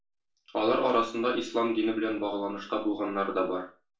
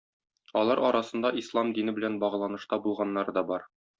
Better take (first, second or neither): second